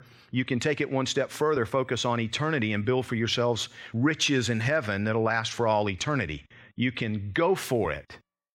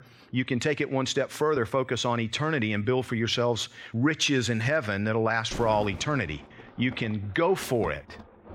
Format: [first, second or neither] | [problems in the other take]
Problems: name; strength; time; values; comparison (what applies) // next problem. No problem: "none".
first | rain or running water; noticeable; throughout; 15 dB below the speech